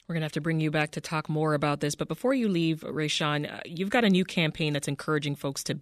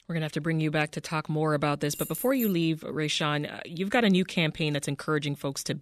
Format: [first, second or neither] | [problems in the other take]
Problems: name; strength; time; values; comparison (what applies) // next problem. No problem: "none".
first | jangling keys; noticeable; at 2 s; peak 7 dB below the speech